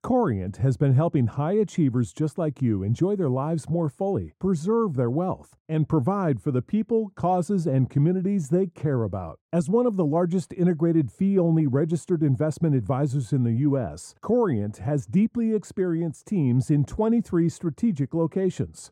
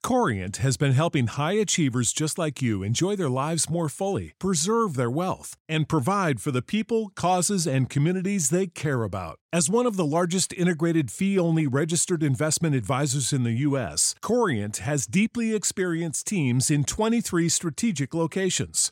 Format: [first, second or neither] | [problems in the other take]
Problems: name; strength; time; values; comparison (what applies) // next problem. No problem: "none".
second | muffled; very; fading above 1.5 kHz